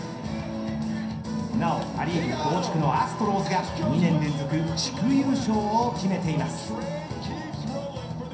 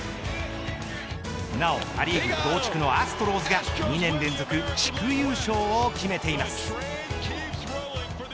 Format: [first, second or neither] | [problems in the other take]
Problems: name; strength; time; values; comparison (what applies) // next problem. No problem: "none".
second | room echo; dies away in 0.6 s